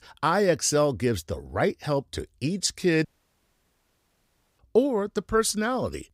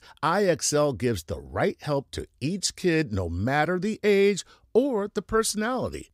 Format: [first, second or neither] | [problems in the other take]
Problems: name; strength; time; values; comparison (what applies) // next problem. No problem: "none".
second | audio cutting out; at 3 s for 1.5 s